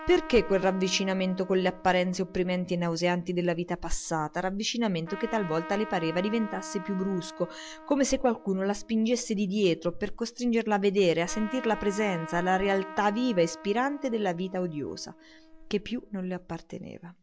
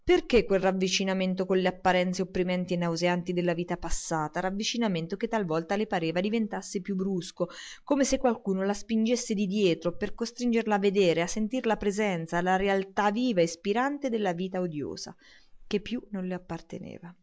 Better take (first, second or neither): second